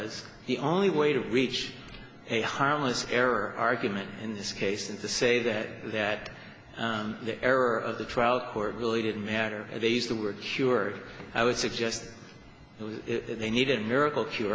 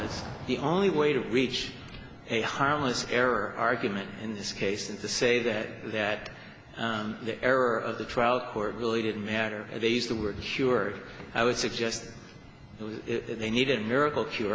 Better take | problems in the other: first | background sound (Thunder / Rain); 20 dB below the speech

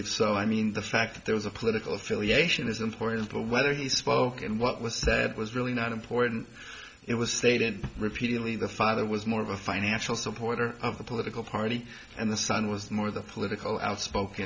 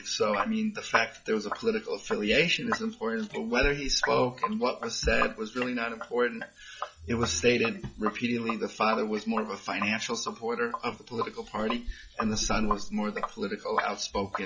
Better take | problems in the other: first | noise reduction (classical method log-MMSE)

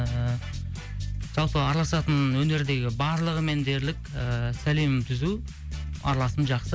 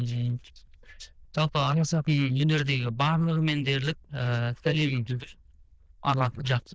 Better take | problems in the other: first | noise reduction (neural diffusion model UNIVERSE++)

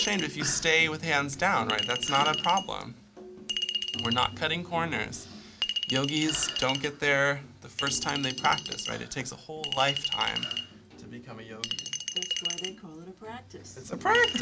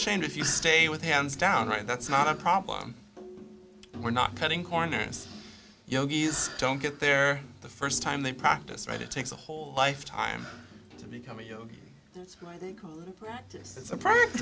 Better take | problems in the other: second | background sound (Chink, clink); 5 dB below the speech

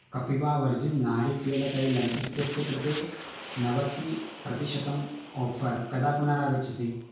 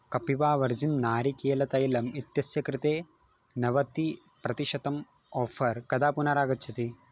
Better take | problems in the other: second | background sound (Fire); 14 dB below the speech // room echo; dies away in 0.6 s

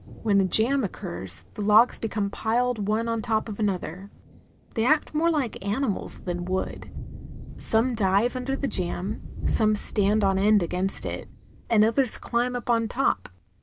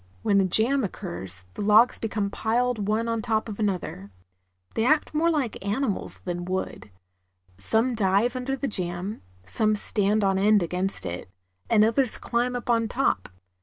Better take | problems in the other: second | background sound (Thunder); 11 dB below the speech

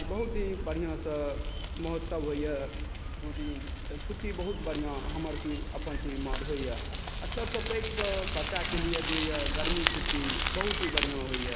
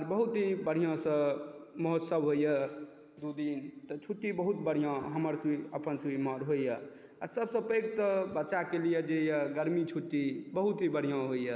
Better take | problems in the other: second | background sound (Bicycle); 2 dB above the speech

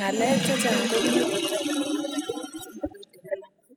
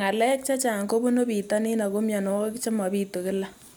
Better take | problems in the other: second | noise reduction (classical method spectral subtraction)

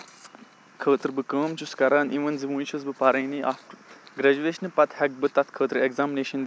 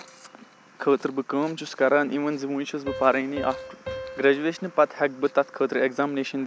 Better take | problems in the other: first | background sound (Piano); 16 dB below the speech

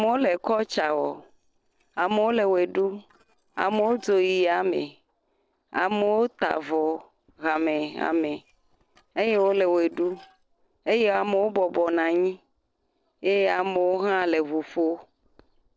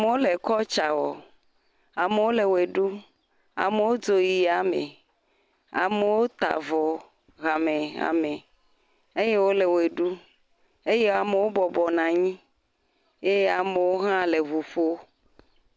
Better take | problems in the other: second | noise reduction (neural separator model SepFormer DNS4)

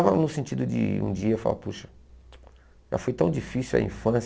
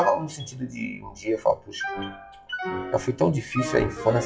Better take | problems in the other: first | noise reduction (classical method WPE with log-MMSE)

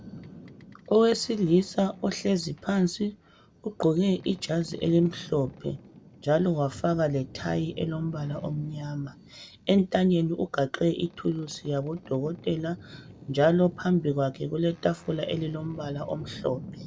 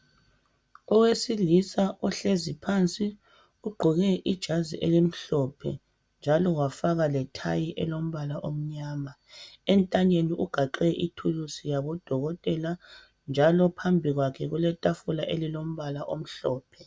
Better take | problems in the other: second | background sound (Boat, Water vehicle); 19 dB below the speech

